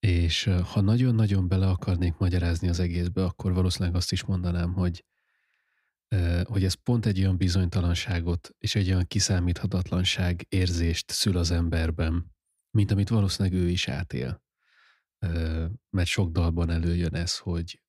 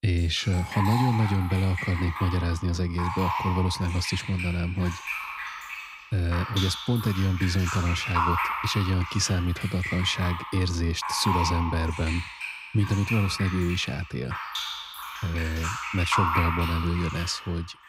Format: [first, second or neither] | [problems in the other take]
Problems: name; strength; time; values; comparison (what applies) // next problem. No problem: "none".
first | household noises; loud; throughout; 5 dB below the speech